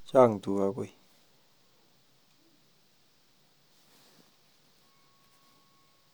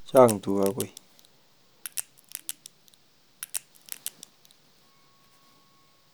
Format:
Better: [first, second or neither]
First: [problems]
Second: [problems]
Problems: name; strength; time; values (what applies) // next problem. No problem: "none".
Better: first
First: none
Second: background sound (Crack); 11 dB below the speech